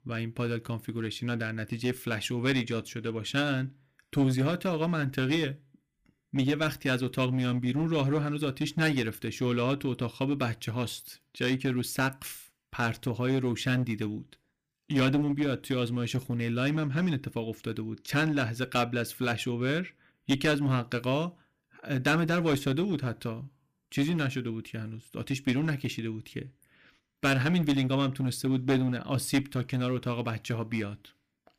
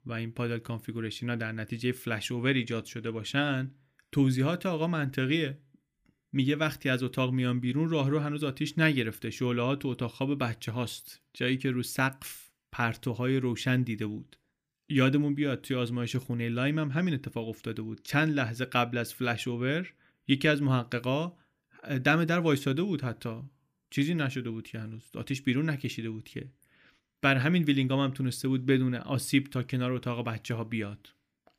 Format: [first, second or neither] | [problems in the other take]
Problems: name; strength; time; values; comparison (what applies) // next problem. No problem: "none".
second | distortion; slight; 5% of the sound clipped